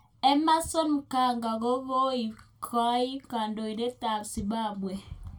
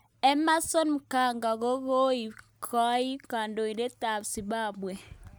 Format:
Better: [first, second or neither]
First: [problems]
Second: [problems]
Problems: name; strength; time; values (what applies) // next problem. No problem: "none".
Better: second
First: room echo; dies away in 0.2 s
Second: none